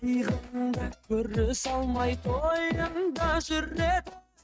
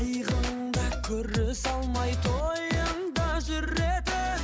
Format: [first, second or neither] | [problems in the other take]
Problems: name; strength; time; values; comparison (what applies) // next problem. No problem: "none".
second | noise reduction (neural mask model RNNoise)